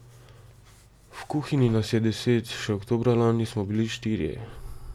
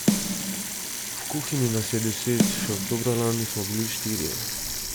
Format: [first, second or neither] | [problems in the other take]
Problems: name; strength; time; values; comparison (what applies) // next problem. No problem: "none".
first | background sound (Sink (filling or washing) / Water tap, faucet + Snare drum); as loud as the speech